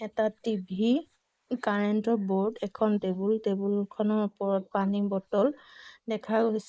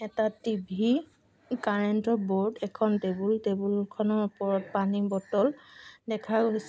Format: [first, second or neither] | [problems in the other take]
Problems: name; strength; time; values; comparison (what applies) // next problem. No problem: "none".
second | noise reduction (neural mask model Resemble Enhance denoiser)